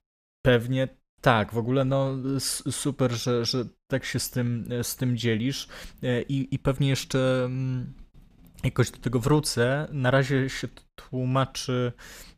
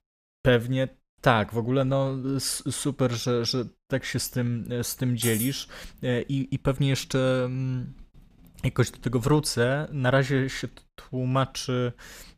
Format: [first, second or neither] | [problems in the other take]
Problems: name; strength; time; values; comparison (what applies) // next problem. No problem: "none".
first | clattering dishes; noticeable; at 5 s; peak 3 dB below the speech